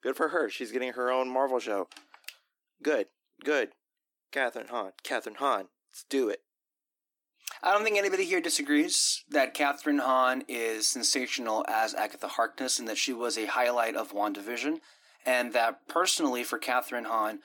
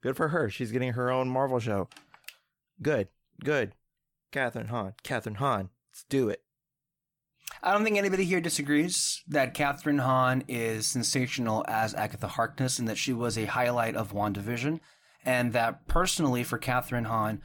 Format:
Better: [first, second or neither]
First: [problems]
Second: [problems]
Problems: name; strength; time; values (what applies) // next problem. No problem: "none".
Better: second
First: thin; very slightly; fading below 300 Hz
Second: none